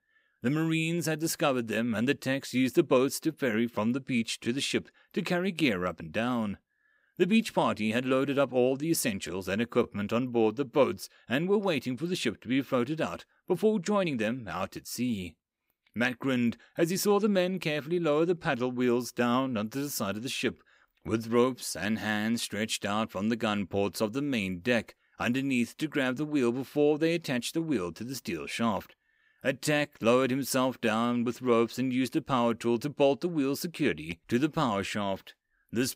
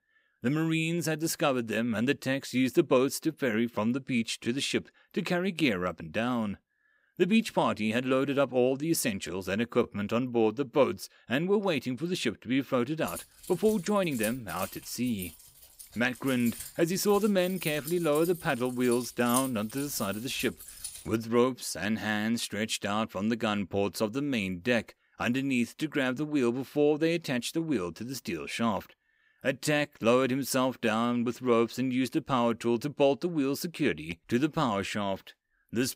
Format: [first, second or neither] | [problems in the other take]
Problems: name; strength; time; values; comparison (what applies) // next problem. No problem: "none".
first | jangling keys; noticeable; from 13 to 21 s; peak 4 dB below the speech